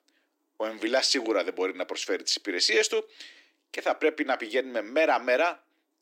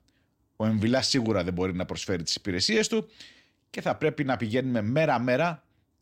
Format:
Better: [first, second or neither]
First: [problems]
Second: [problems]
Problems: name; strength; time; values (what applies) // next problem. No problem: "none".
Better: second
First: thin; somewhat; fading below 300 Hz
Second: none